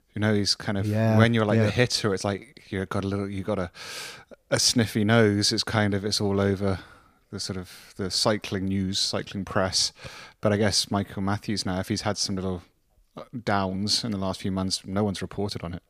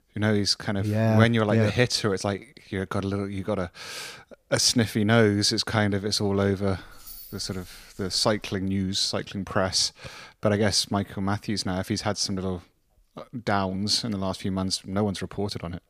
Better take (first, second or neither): first